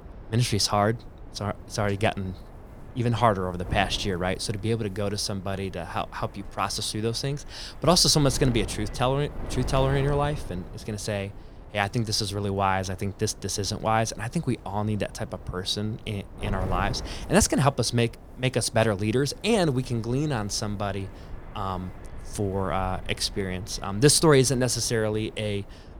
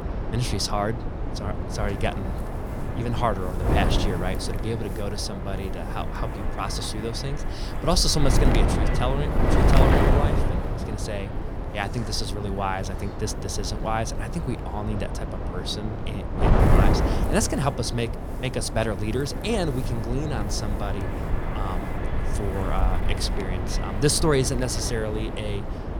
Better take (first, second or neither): first